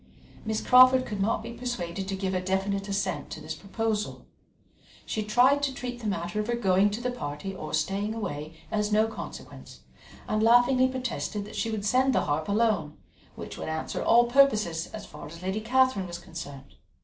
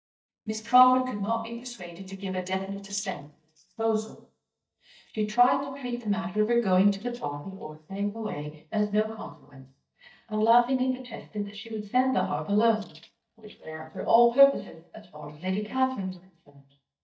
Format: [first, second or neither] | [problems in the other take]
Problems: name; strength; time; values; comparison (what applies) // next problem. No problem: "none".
first | noise reduction (neural mask model DeepFilterNet 3)